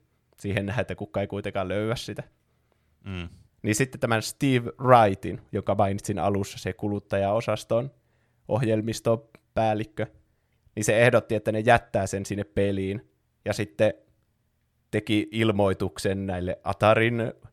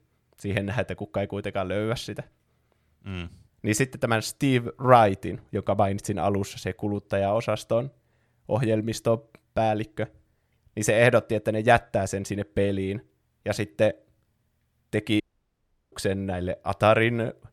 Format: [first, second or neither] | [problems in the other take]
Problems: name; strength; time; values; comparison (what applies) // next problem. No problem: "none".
first | audio cutting out; at 15 s for 0.5 s